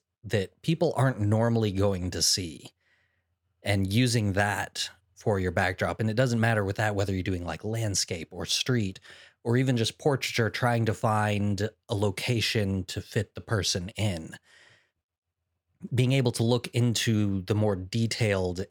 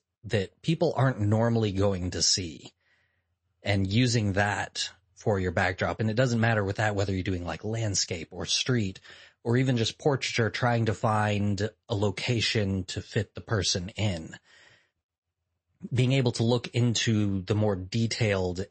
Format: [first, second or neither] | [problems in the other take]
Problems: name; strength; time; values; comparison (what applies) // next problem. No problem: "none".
first | garbled, watery; slightly; nothing above 8 kHz